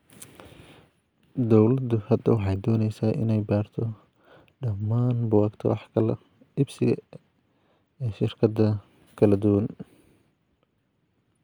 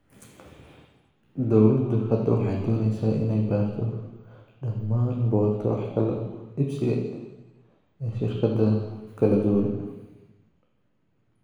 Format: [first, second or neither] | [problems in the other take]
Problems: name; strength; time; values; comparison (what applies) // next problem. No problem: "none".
first | room echo; dies away in 1.1 s